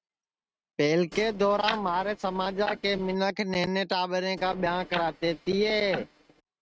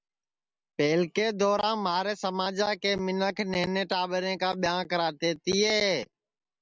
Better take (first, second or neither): second